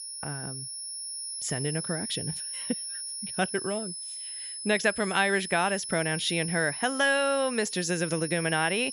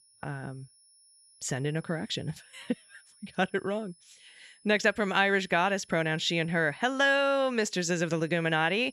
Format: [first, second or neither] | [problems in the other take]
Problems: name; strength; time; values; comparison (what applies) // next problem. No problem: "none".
second | high-pitched whine; loud; throughout; 10.5 kHz, 6 dB below the speech; faint in the second